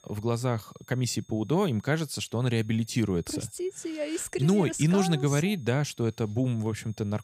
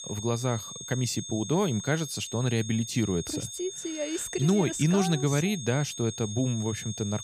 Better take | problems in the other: first | high-pitched whine; loud; throughout; 6.5 kHz, 9 dB below the speech; faint in the first

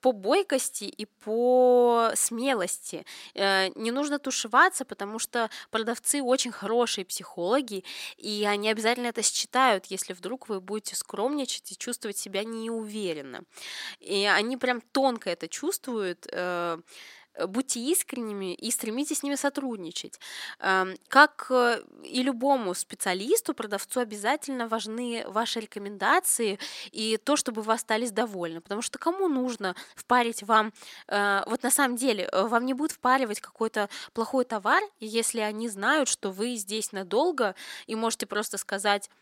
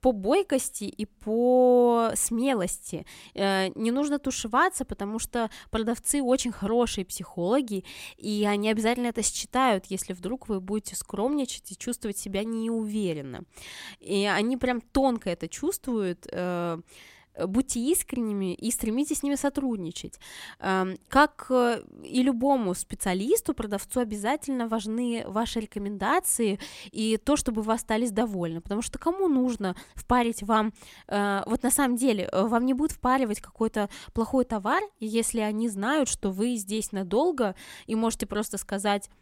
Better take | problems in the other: second | thin; very slightly; fading below 300 Hz

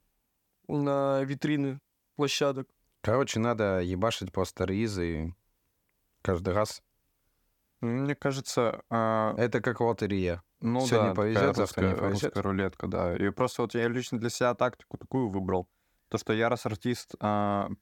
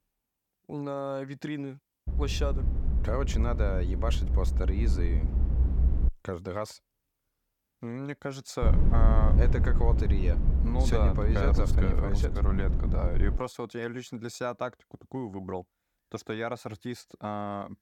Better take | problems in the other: first | low rumble; loud; from 2 to 6 s and from 8.5 to 13 s; 7 dB below the speech

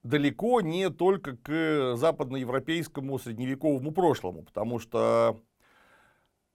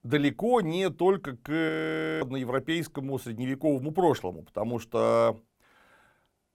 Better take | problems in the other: first | audio freezing; at 1.5 s for 0.5 s

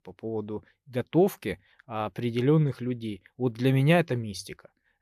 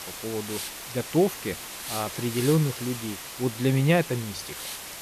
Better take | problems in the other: first | hiss; loud; throughout; 8 dB below the speech

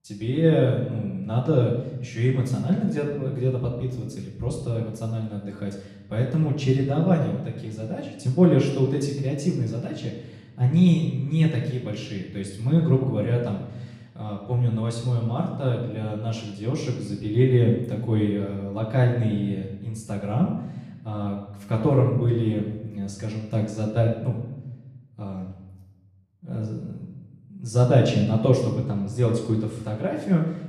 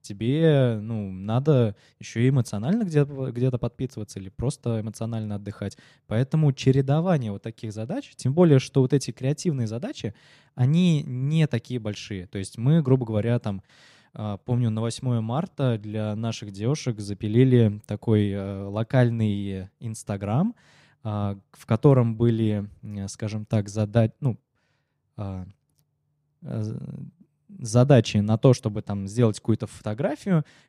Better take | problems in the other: second | off-mic speech; far // room echo; noticeable; dies away in 0.8 s

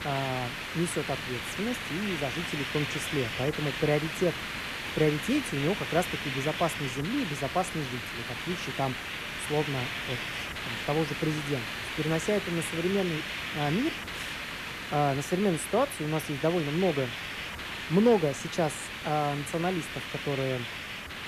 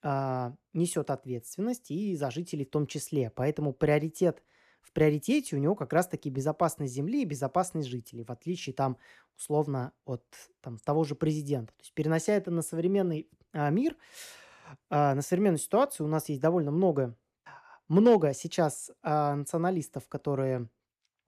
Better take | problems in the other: second | hiss; loud; throughout; 4 dB below the speech

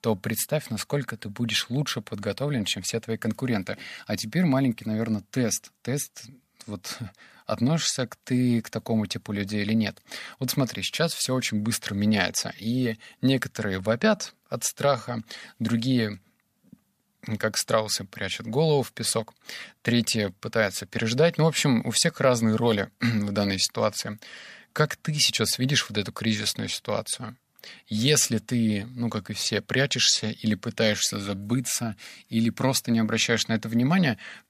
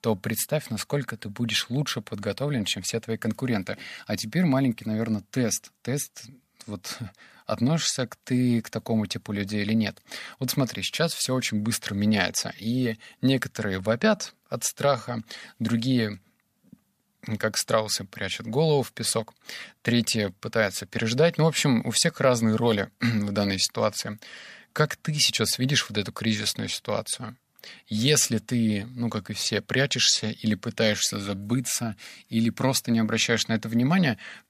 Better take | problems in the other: neither | none

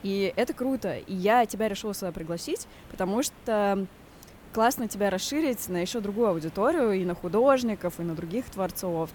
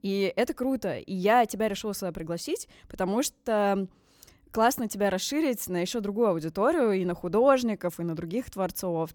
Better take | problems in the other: second | hiss; faint; throughout; 20 dB below the speech

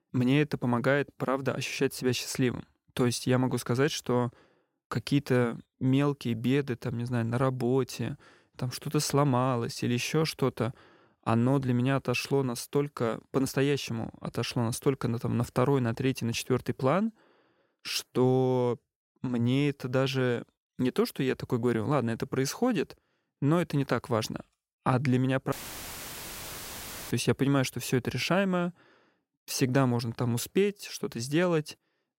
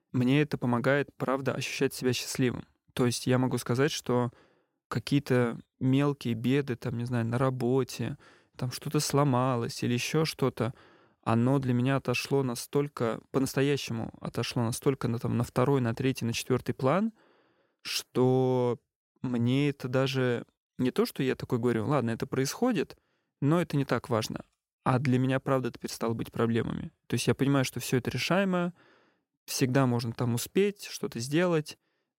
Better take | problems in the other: second | audio cutting out; filled with static; at 26 s for 1.5 s

